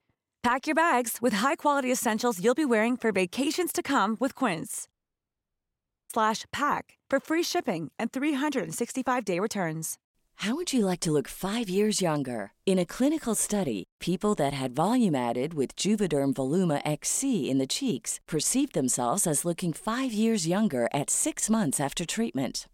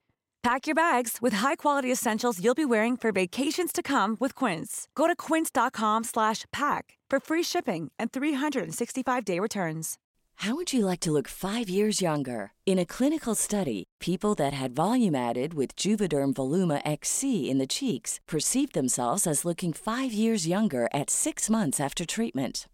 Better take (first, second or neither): second